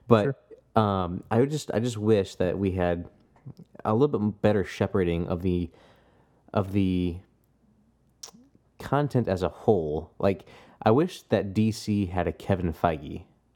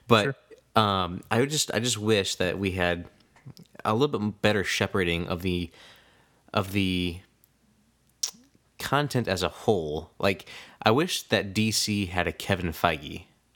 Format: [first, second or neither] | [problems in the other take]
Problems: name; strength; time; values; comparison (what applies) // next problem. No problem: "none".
second | muffled; slightly; fading above 1.5 kHz